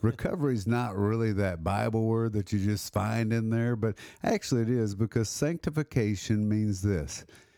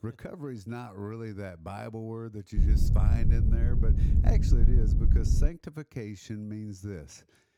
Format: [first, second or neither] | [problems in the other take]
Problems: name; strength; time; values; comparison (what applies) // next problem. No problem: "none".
first | wind noise on the microphone; heavy; from 2.5 to 5.5 s; as loud as the speech